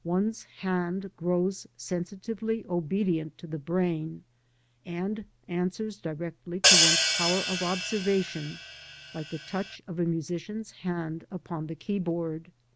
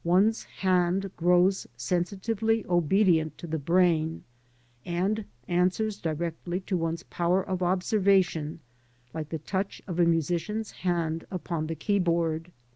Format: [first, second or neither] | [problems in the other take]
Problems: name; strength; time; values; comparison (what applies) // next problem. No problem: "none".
second | background sound (Hi-hat); 4 dB above the speech